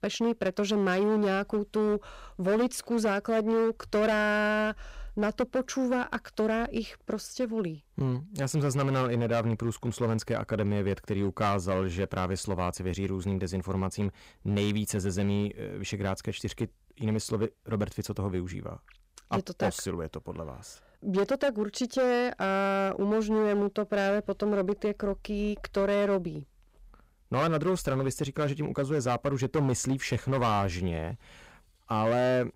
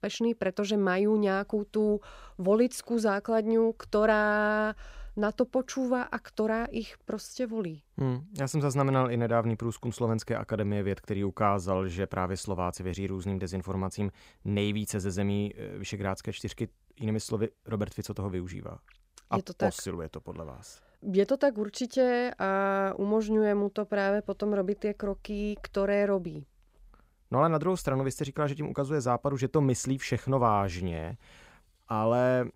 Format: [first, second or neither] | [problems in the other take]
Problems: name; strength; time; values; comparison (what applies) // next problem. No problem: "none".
second | distortion; slight; 8% of the sound clipped